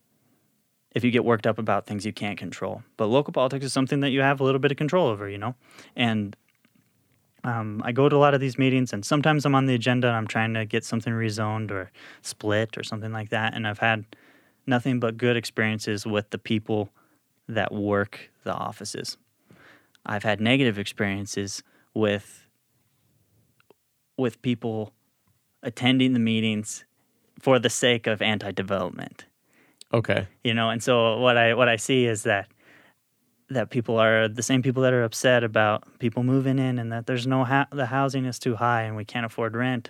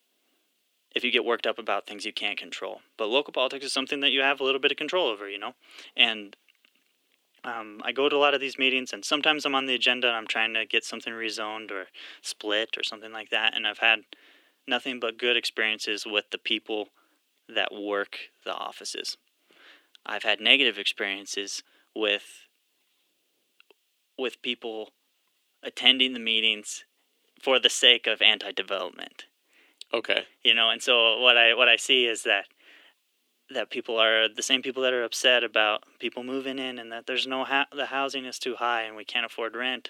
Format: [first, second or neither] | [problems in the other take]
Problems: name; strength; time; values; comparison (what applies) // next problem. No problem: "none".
first | thin; somewhat; fading below 350 Hz